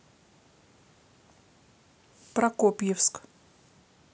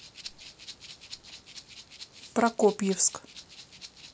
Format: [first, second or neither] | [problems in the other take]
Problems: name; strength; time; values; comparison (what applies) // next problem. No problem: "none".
first | background sound (Rattle (instrument)); 16 dB below the speech